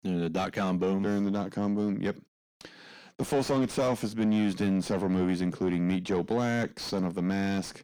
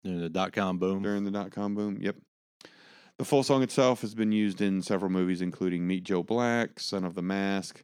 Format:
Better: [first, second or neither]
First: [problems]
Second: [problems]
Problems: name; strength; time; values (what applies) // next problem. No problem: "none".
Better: second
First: distortion; heavy; 7 dB below the speech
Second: none